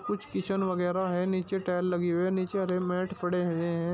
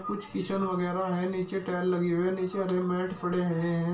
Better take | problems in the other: first | room echo; dies away in 0.3 s

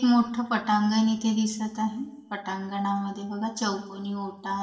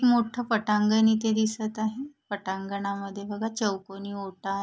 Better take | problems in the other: second | room echo; dies away in 0.8 s

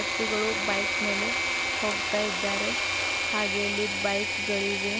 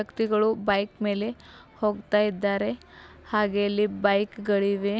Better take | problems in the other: second | background sound (Engine / Mechanisms); 4 dB above the speech

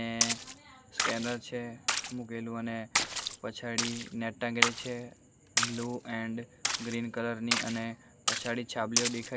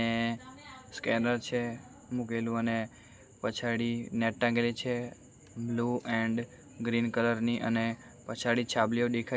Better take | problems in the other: second | background sound (Splash, splatter); 2 dB above the speech

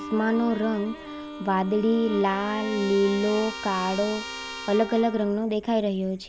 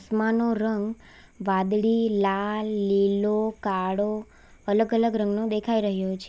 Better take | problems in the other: second | background sound (Bowed string instrument + Trumpet); 11 dB below the speech

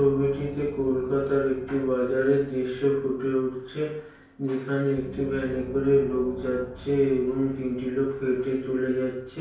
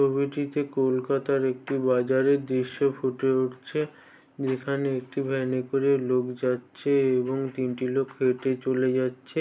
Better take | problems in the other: second | background sound (Gong); 19 dB below the speech // room echo; dies away in 0.5 s

